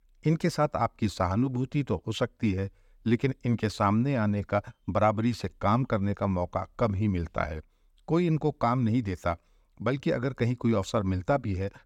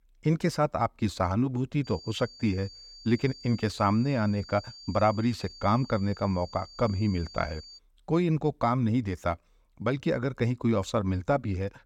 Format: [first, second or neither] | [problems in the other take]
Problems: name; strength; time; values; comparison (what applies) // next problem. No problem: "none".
first | high-pitched whine; noticeable; from 2 to 8 s; 4.5 kHz, 20 dB below the speech